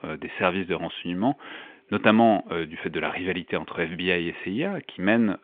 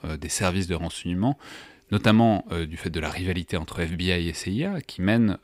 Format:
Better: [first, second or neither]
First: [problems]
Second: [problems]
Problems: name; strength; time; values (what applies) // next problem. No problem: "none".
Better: second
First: phone-call audio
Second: none